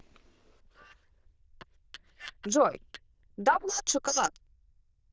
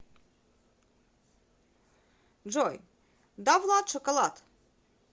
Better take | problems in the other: second | noise reduction (neural diffusion model UNIVERSE++)

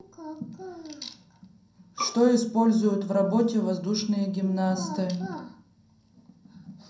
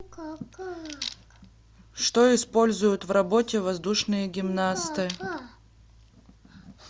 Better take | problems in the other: second | background sound (Bowed string instrument); 10 dB below the speech // room echo; dies away in 0.5 s

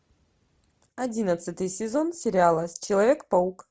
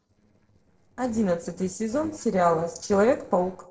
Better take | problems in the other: first | noise reduction (neural separator model SepFormer DNS4)

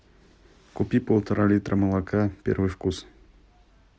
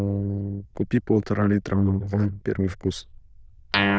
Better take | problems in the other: first | noise reduction (neural diffusion model UNIVERSE++)

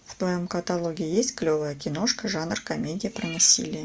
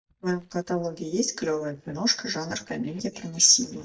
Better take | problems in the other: first | noise reduction (neural mask model DeepFilterNet 3)

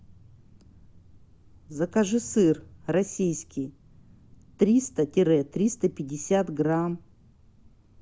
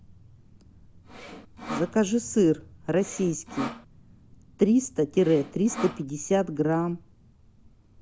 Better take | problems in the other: first | background sound (Sawing); 11 dB below the speech

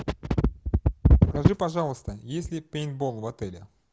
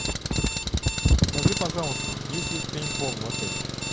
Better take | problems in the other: first | background sound (Alarm + Engine); 2 dB below the speech

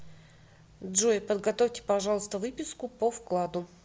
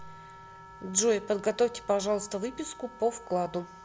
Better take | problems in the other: first | background sound (Wind instrument, woodwind instrument); 19 dB below the speech

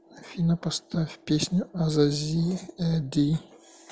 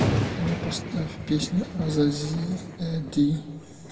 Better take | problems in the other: first | background sound (Thunder); 4 dB below the speech // room echo; dies away in 1.2 s

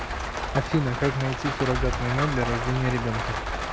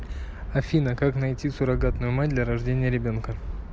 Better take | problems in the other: second | background sound (Rain); 4 dB below the speech

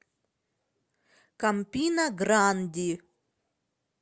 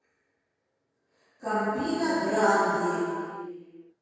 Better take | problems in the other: first | room echo; dies away in 2.2 s

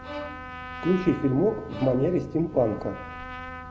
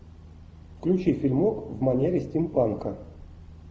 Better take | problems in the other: second | background sound (Trumpet + Bowed string instrument); 12 dB below the speech

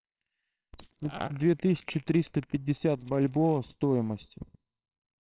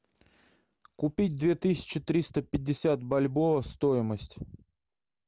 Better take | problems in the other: second | noise reduction (neural separator model SepFormer WHAMR!)

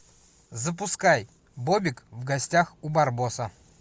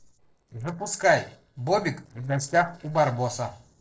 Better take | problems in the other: first | noise reduction (neural separator model SepFormer DNS4)

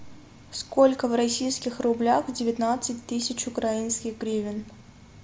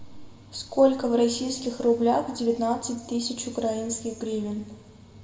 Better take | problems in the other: first | room echo; dies away in 1.2 s

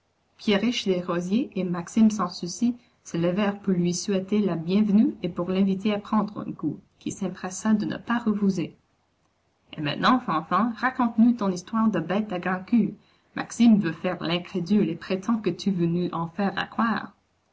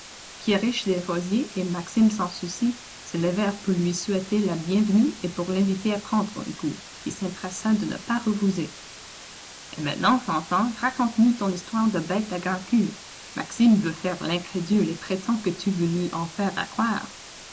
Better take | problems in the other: first | background sound (Water); 17 dB below the speech

